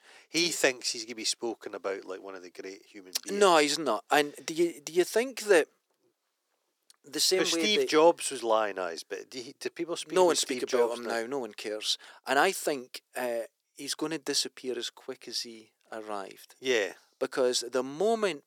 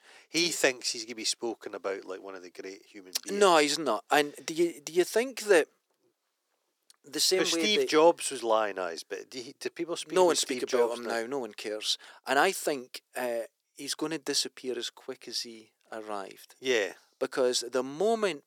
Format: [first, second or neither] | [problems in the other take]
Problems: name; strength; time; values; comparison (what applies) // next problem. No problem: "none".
neither | thin; very; fading below 350 Hz; the same in both